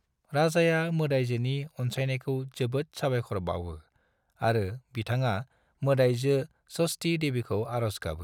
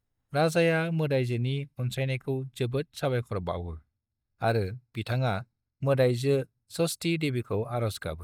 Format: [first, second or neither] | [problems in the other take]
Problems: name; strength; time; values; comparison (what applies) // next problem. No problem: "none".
first | noise reduction (neural mask model DeepFilterNet 3)